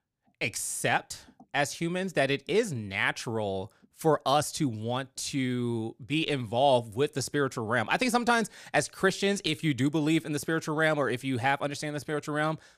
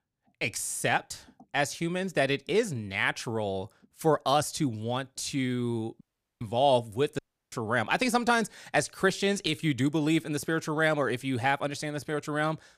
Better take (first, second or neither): first